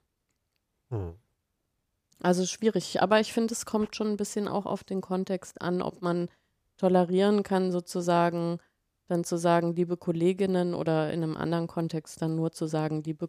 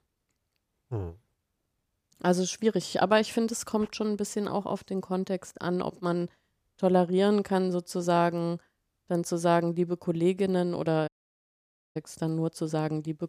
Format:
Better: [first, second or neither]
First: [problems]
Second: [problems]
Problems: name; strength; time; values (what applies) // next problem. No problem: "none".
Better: first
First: none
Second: audio cutting out; at 11 s for 1 s